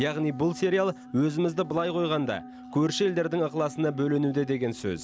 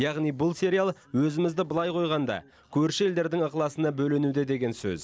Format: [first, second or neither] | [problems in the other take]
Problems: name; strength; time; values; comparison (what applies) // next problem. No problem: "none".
second | background sound (Wind instrument, woodwind instrument); 17 dB below the speech